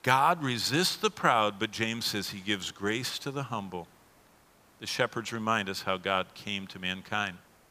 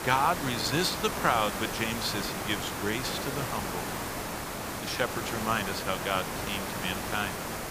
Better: first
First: hiss; faint; throughout; 30 dB below the speech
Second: hiss; loud; throughout; 3 dB below the speech

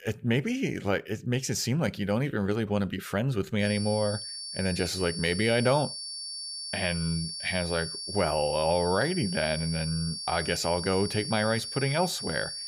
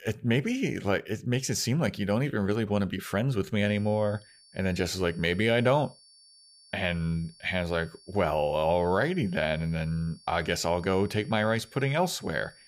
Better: second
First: high-pitched whine; loud; from 3.5 s on; 4.5 kHz, 6 dB below the speech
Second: high-pitched whine; faint; from 3.5 s on; 4.5 kHz, 25 dB below the speech

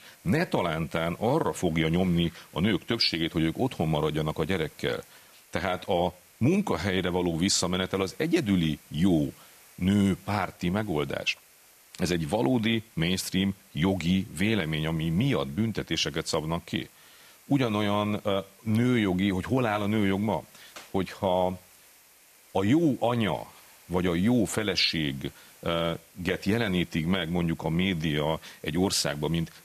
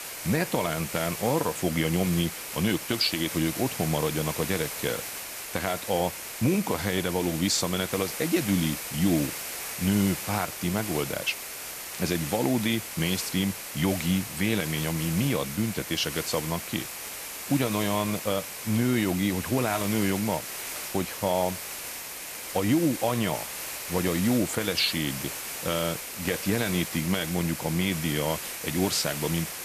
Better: first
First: hiss; faint; throughout; 25 dB below the speech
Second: hiss; loud; throughout; 6 dB below the speech

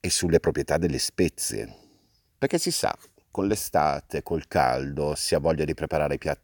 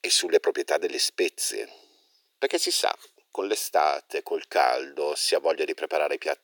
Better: first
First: none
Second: thin; very; fading below 350 Hz

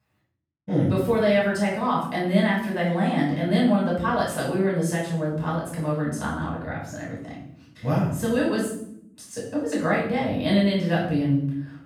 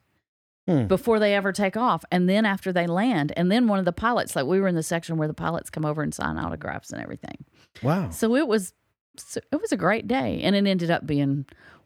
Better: second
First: off-mic speech; far // room echo; noticeable; dies away in 0.7 s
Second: none

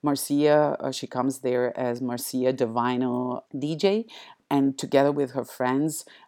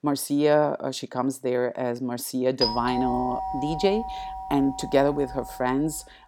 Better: first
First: none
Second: doorbell; noticeable; from 2.5 to 5.5 s; peak 1 dB below the speech

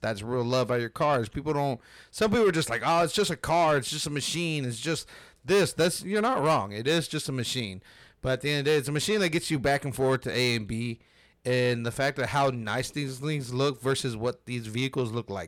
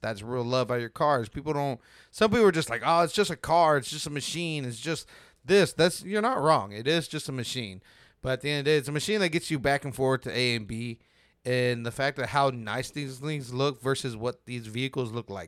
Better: second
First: distortion; slight; 10 dB below the speech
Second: none

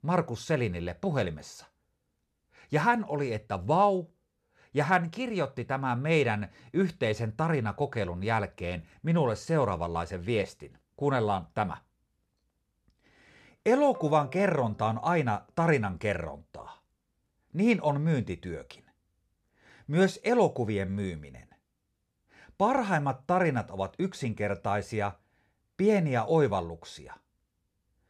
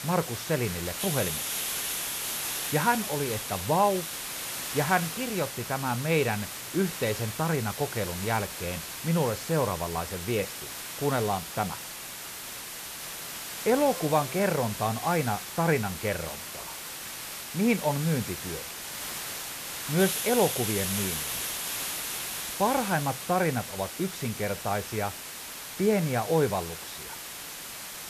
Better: first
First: none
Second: hiss; loud; throughout; 5 dB below the speech

